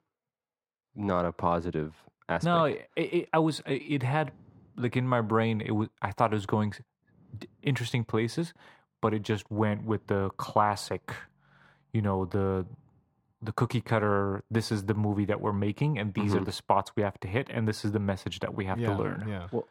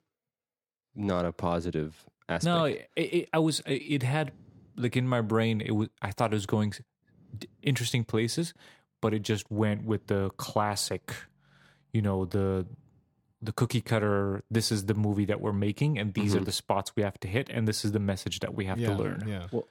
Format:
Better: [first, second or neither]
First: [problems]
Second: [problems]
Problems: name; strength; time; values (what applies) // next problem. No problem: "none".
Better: second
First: muffled; slightly; fading above 3.5 kHz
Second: none